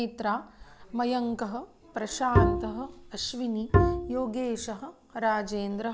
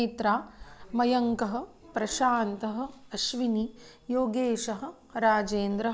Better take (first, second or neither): second